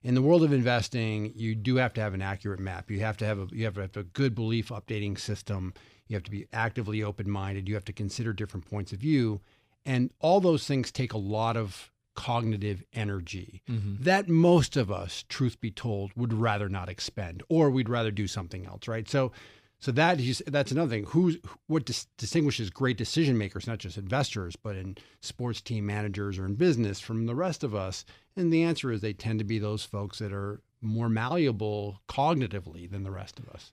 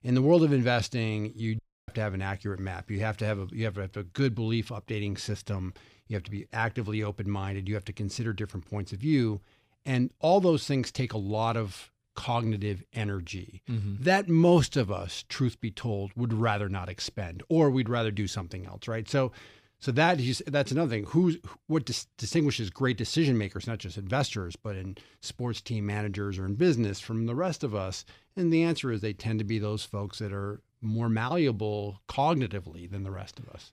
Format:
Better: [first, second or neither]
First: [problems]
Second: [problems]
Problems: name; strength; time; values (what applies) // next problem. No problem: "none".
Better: first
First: none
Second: audio cutting out; at 1.5 s